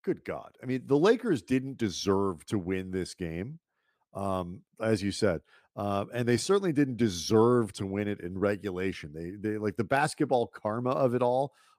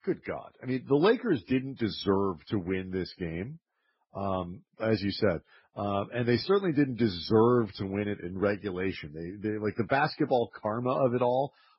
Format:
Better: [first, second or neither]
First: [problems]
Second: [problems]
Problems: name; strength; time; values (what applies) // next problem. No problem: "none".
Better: first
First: none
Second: garbled, watery; badly; nothing above 5.5 kHz